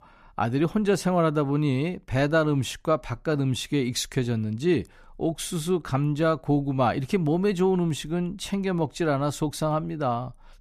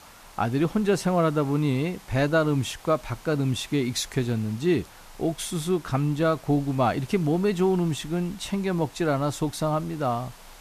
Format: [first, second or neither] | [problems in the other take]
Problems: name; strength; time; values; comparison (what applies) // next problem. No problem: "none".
first | hiss; faint; throughout; 20 dB below the speech